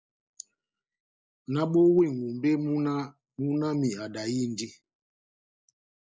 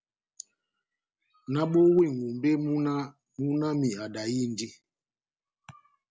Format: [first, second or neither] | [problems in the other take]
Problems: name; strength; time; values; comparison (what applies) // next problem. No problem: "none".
second | noise reduction (neural mask model Resemble Enhance denoiser)